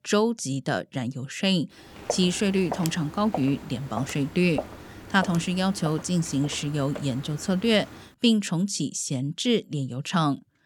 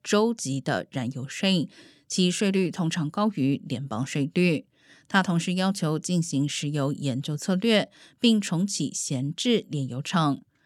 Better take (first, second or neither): second